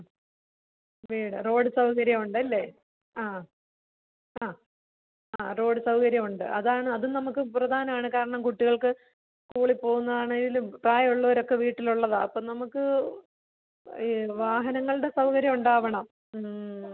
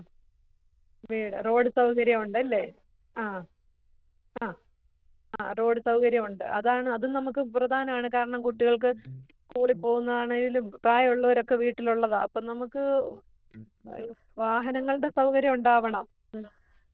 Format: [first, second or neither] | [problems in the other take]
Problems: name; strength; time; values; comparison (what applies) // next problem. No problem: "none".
first | noise reduction (neural diffusion model UNIVERSE++)